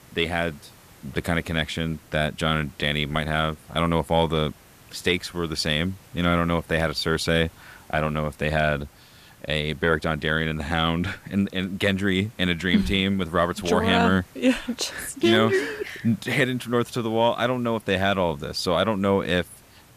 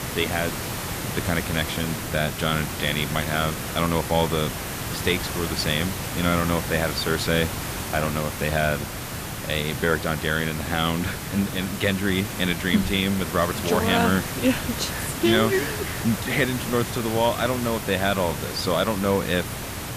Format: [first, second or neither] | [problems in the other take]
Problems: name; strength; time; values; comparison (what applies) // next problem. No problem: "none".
first | hiss; loud; throughout; 5 dB below the speech; faint in the first